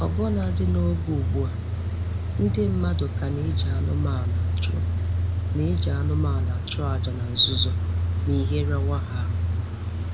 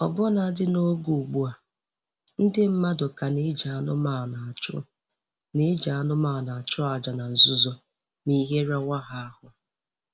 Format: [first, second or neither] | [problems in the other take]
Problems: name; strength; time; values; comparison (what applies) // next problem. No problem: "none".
second | background sound (Idling / Engine starting / Accelerating, revving, vroom / Car); 5 dB above the speech